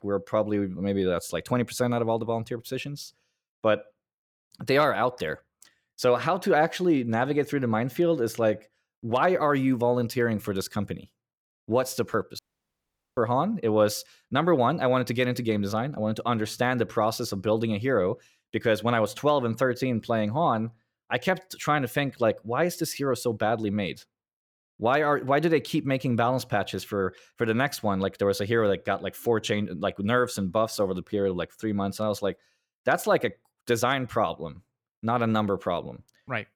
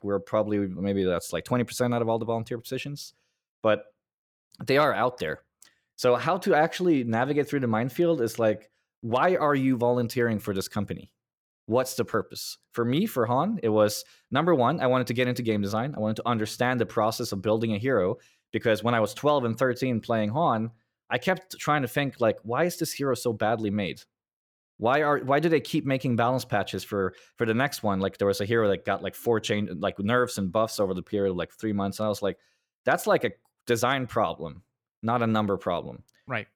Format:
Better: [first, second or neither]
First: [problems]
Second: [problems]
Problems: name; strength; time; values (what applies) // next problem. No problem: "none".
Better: second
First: audio cutting out; at 12 s for 1 s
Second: none